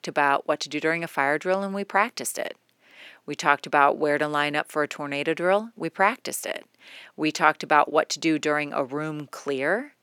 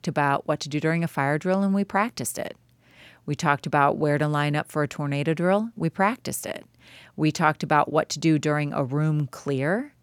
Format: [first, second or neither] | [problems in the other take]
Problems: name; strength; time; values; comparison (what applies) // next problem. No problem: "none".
second | thin; somewhat; fading below 350 Hz